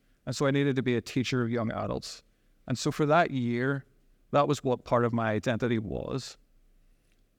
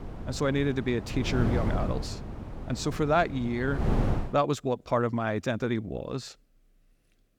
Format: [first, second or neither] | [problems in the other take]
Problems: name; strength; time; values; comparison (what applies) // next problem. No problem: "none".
first | wind noise on the microphone; heavy; until 4 s; 9 dB below the speech